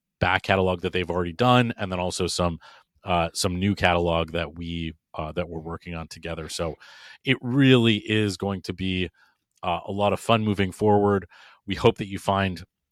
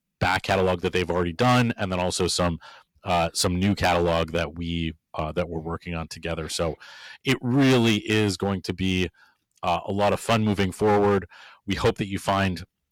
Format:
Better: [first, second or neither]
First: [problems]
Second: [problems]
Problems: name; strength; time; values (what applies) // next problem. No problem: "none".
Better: first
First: none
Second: distortion; heavy; 6% of the sound clipped